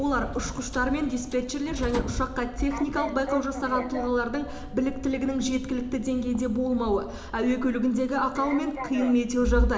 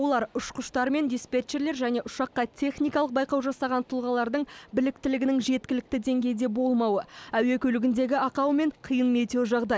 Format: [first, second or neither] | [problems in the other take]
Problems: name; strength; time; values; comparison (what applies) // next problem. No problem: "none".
second | background sound (Sliding door); 7 dB below the speech // room echo; dies away in 0.8 s